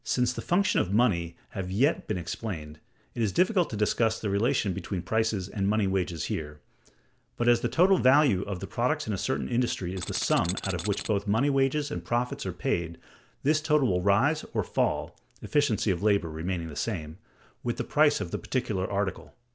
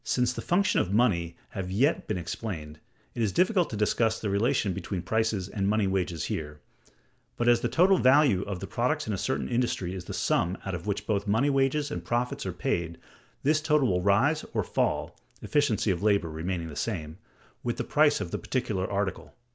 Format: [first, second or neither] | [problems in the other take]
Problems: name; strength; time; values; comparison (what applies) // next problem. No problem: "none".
second | background sound (Tools); 10 dB below the speech